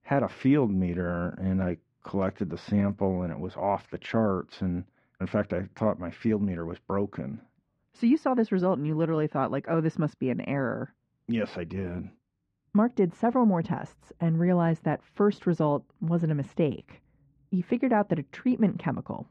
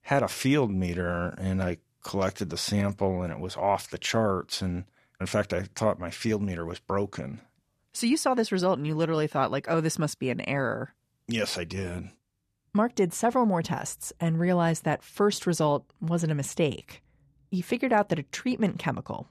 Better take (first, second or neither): second